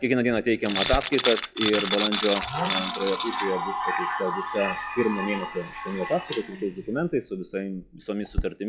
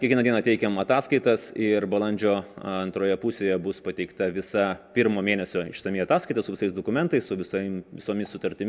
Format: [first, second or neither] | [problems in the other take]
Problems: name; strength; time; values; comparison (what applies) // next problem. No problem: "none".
second | noise reduction (classical method log-MMSE)